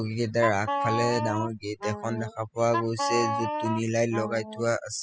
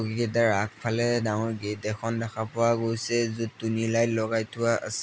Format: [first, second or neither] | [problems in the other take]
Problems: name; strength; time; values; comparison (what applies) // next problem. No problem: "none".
second | noise reduction (classical method spectral subtraction)